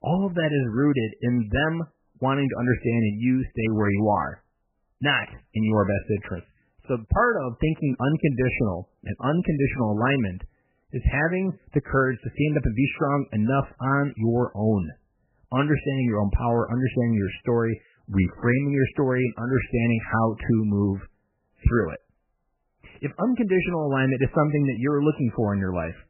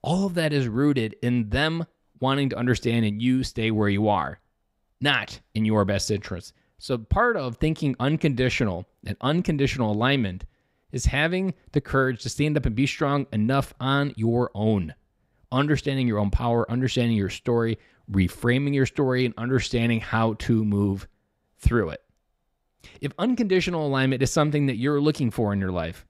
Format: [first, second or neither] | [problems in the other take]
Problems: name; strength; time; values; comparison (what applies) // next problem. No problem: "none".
second | garbled, watery; badly; nothing above 3 kHz